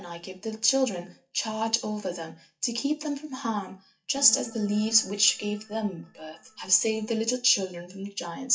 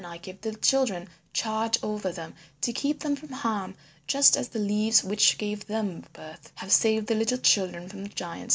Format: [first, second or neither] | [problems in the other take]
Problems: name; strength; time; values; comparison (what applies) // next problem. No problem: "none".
second | noise reduction (classical method WPE with log-MMSE)